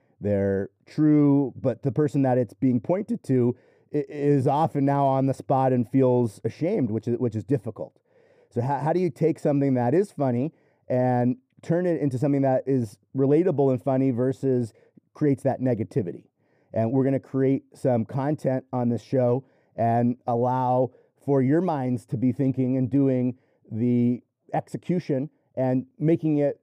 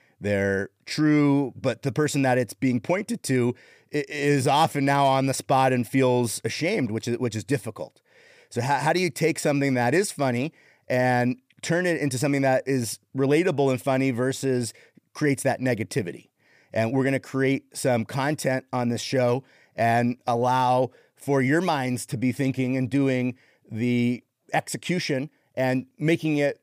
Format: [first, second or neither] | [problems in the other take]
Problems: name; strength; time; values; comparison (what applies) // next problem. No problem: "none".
second | muffled; very; fading above 1.5 kHz